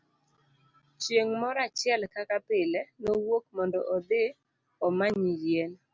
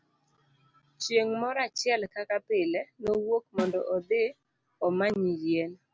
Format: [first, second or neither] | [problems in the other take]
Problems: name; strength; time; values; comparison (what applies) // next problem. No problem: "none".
first | background sound (Snare drum); 10 dB below the speech